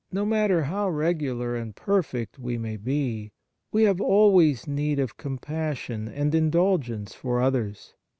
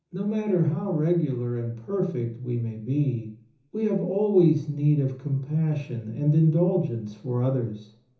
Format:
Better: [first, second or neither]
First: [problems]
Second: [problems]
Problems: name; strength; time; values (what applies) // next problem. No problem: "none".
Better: first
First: none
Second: room echo; dies away in 0.7 s